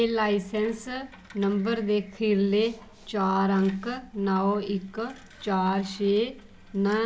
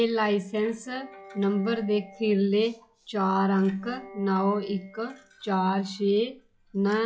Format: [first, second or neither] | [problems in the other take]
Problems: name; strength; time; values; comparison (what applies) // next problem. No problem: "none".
first | noise reduction (classical method log-MMSE)